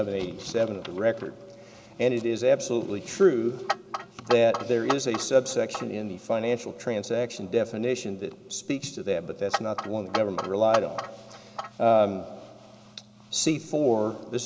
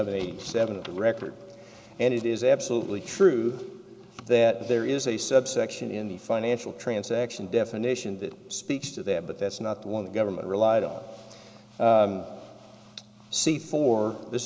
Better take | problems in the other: second | background sound (Clock); 8 dB below the speech

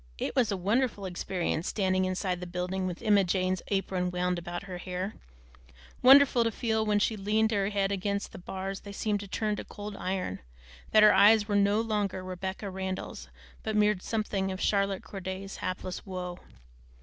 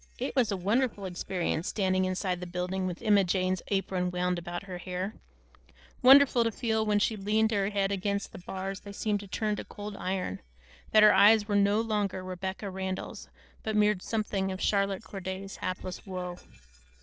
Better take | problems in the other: first | noise reduction (neural separator model SepFormer DNS4)

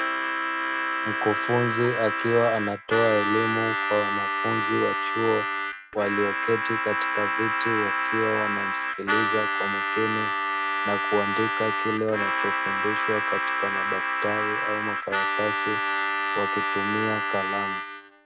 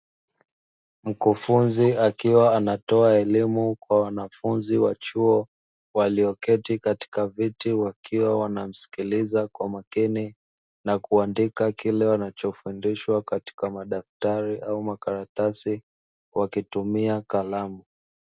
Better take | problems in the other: second | background sound (Harmonica); 2 dB above the speech

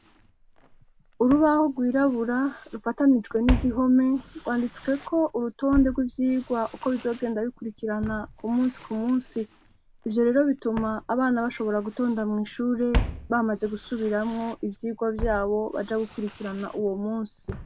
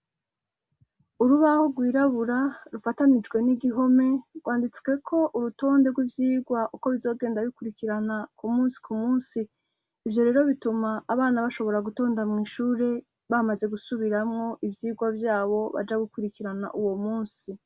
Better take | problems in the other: second | background sound (Walk, footsteps); 11 dB below the speech

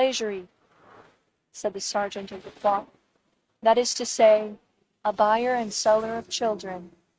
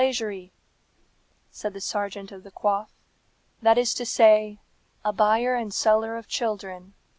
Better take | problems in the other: second | noise reduction (neural mask model RNNoise)

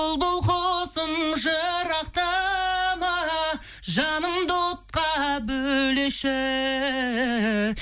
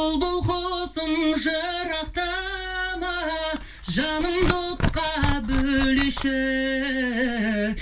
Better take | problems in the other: first | background sound (Tearing); 3 dB below the speech // room echo; dies away in 0.2 s

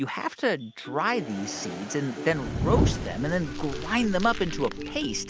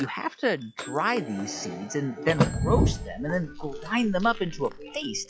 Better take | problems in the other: first | noise reduction (classical method log-MMSE)

